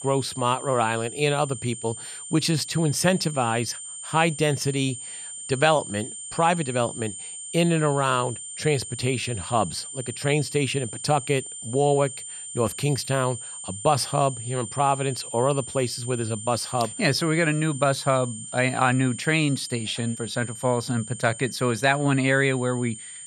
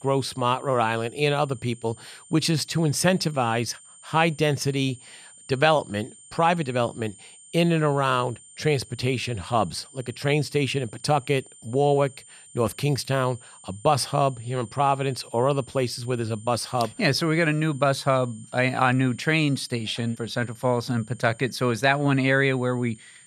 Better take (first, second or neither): second